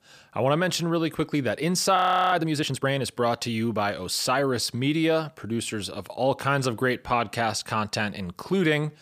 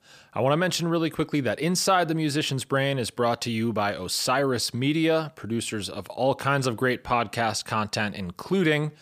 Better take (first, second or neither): second